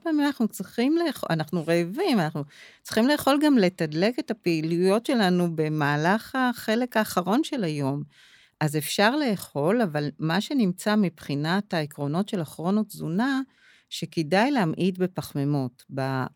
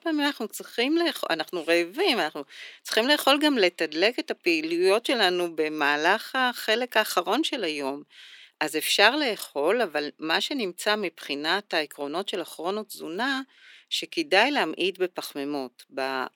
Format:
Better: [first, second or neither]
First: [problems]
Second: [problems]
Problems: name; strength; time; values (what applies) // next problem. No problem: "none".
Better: first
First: none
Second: thin; somewhat; fading below 350 Hz